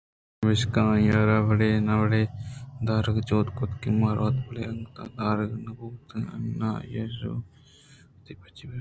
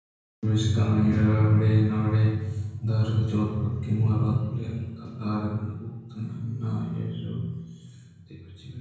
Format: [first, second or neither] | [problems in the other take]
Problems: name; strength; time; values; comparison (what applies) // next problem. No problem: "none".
first | room echo; dies away in 1 s